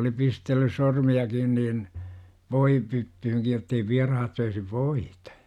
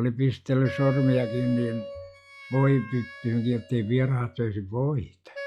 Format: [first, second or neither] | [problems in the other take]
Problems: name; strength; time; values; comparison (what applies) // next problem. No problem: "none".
first | noise reduction (classical method log-MMSE)